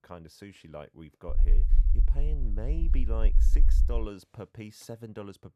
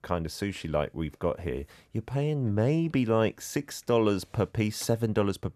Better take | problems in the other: second | low rumble; loud; from 1.5 to 4 s; 8 dB below the speech

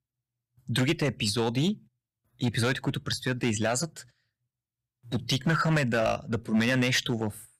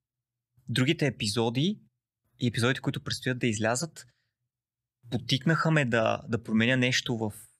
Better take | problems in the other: second | distortion; slight; 5% of the sound clipped

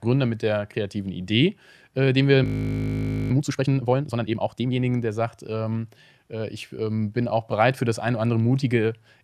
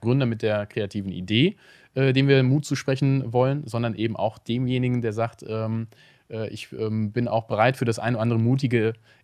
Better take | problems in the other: second | audio freezing; at 2.5 s for 1 s

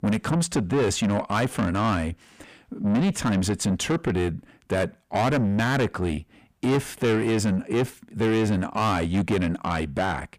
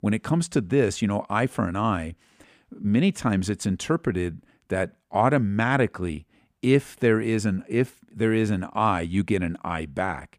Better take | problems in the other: second | distortion; heavy; 7 dB below the speech

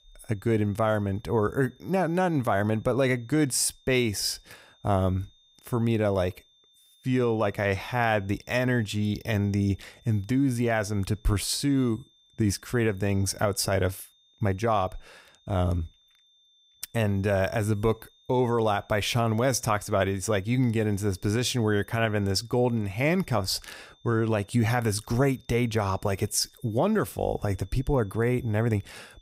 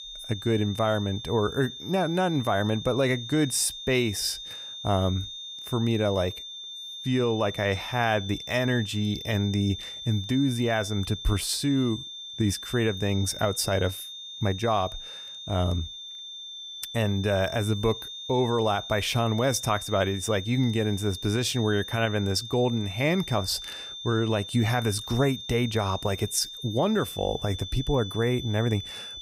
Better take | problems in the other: first | high-pitched whine; loud; throughout; 3.5 kHz, 10 dB below the speech; faint in the first

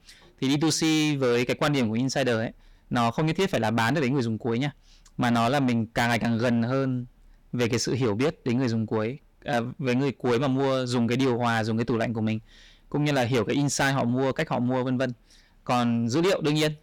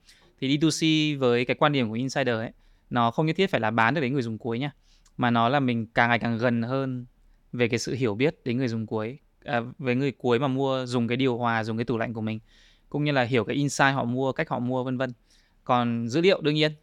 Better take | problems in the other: second | distortion; heavy; 7 dB below the speech

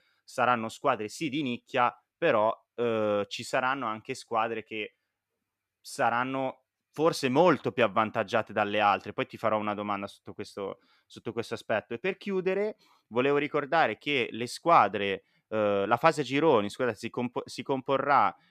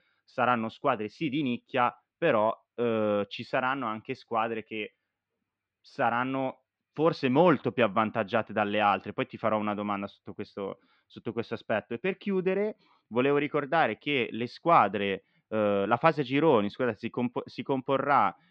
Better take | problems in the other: first | muffled; slightly; fading above 4 kHz

